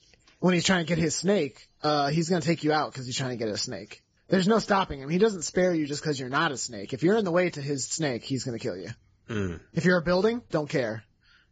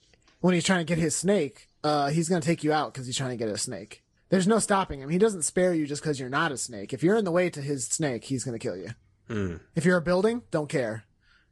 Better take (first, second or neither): second